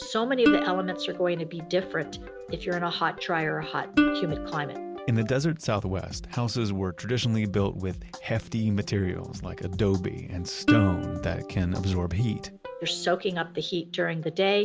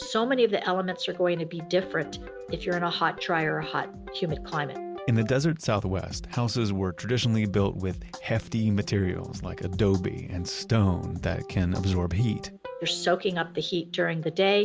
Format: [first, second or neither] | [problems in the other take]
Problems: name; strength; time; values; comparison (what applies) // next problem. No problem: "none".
second | background sound (Plucked string instrument); 3 dB below the speech